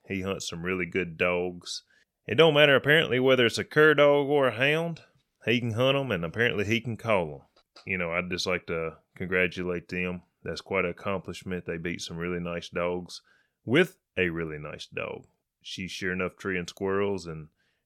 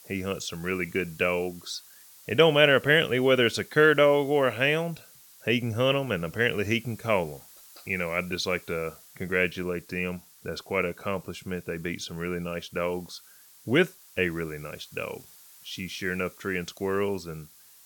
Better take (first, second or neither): first